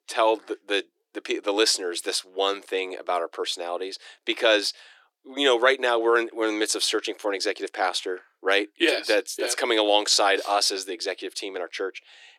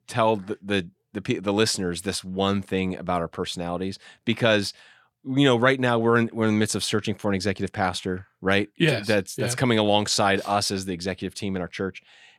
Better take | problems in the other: second | thin; very; fading below 300 Hz

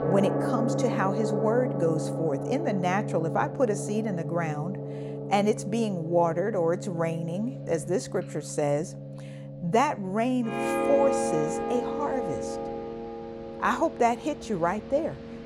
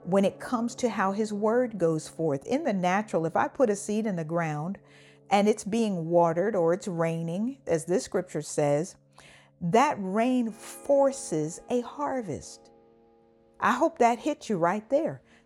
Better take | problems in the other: second | background music; loud; throughout; 4 dB below the speech; faint in the second

